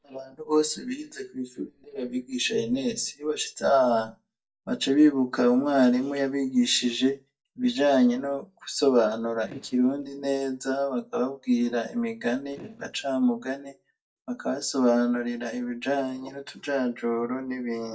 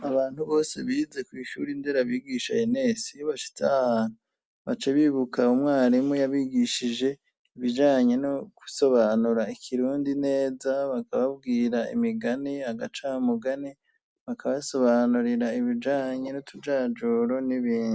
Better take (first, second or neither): second